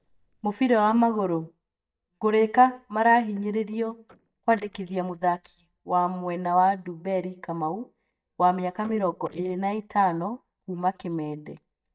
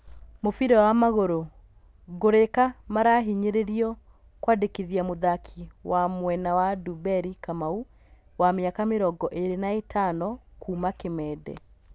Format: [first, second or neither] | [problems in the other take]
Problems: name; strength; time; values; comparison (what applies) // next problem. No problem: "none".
second | noise reduction (neural mask model DeepFilterNet 3)